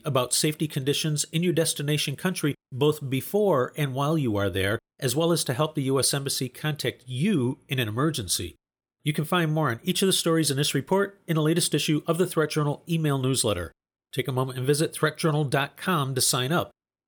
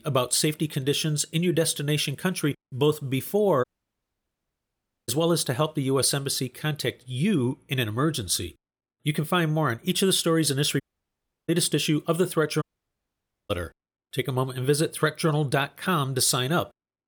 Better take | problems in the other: first | audio cutting out; at 3.5 s for 1.5 s, at 11 s for 0.5 s and at 13 s for 1 s

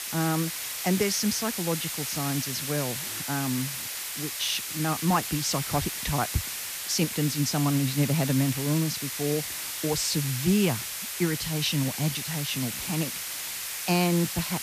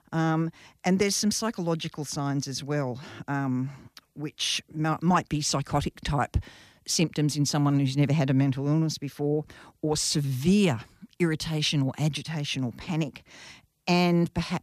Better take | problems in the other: second | hiss; loud; throughout; 3 dB below the speech

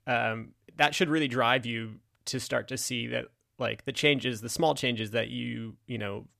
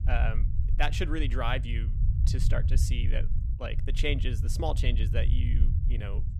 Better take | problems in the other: first | low rumble; noticeable; throughout; 10 dB below the speech

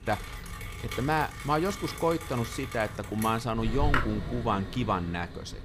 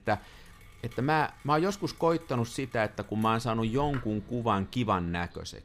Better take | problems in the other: second | rain or running water; loud; throughout; 6 dB below the speech; faint in the second

